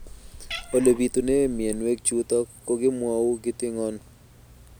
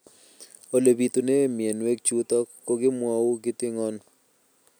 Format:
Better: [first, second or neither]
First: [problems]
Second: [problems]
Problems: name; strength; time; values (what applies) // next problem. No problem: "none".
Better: second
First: background sound (Cat); 16 dB below the speech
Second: none